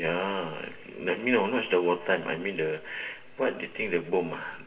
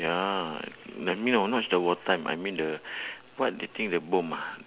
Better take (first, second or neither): second